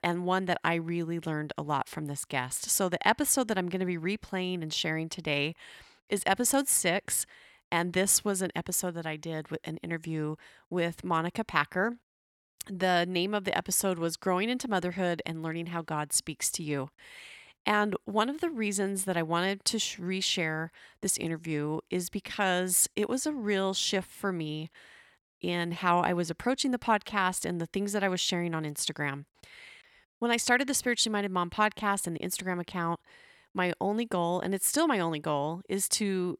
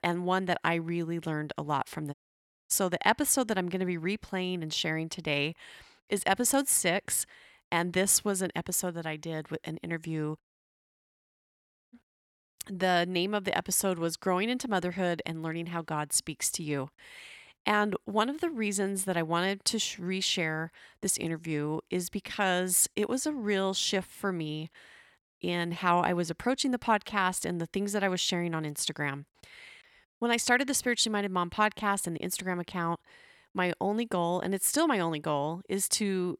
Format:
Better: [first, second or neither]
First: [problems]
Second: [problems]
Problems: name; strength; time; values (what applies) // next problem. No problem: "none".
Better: first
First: none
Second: audio cutting out; at 2 s for 0.5 s and at 10 s for 1.5 s